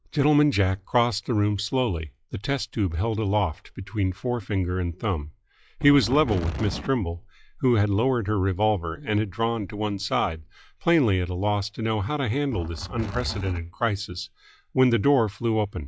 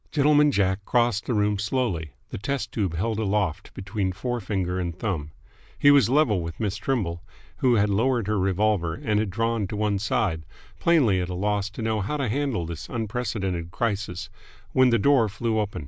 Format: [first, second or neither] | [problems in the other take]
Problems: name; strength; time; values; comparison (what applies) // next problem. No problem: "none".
second | noise reduction (classical method log-MMSE)